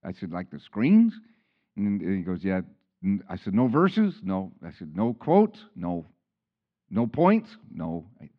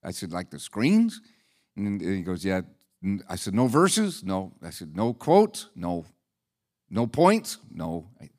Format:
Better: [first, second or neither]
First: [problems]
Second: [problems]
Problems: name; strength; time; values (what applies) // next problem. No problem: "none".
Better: second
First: muffled; very; fading above 3 kHz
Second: none